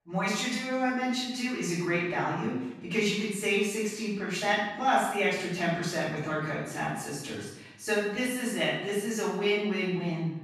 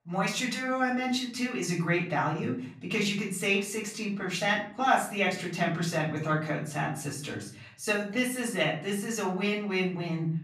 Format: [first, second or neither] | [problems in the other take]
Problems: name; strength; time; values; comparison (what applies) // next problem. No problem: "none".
second | room echo; strong; dies away in 0.8 s; slight in the second // off-mic speech; far; far in the second